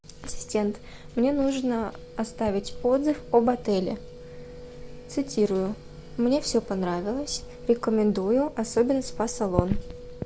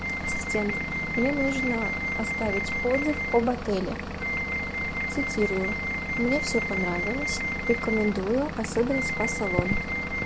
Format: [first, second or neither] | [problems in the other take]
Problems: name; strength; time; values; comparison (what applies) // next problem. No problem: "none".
first | background sound (Wind instrument, woodwind instrument + Engine / Vehicle); 1 dB below the speech